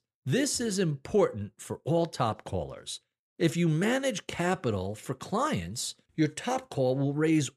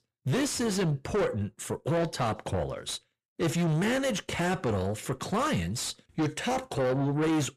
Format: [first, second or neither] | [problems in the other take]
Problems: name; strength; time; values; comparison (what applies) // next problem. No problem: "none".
first | distortion; heavy; 7 dB below the speech